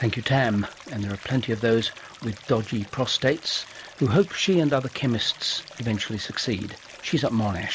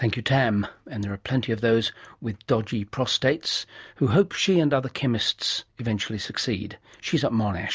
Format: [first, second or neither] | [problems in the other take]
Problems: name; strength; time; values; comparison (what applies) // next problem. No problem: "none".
second | background sound (Stream); 20 dB below the speech